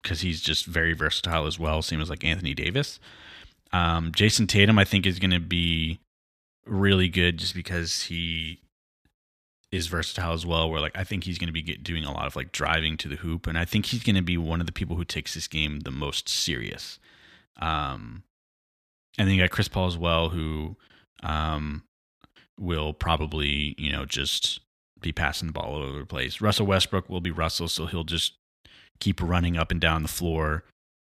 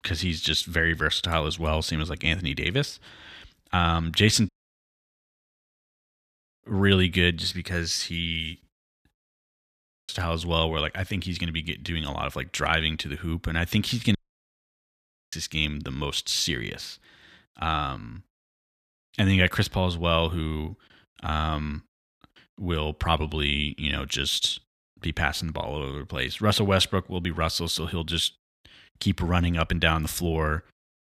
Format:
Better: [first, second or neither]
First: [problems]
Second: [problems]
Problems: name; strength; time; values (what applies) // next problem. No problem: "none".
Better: first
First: none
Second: audio cutting out; at 4.5 s for 1.5 s, at 9.5 s for 0.5 s and at 14 s for 1 s